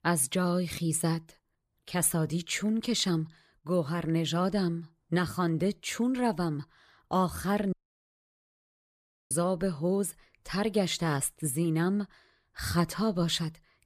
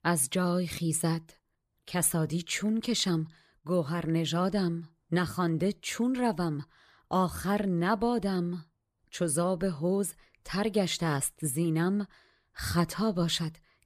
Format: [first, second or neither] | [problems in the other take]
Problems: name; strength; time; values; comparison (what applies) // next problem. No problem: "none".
second | audio cutting out; at 7.5 s for 1.5 s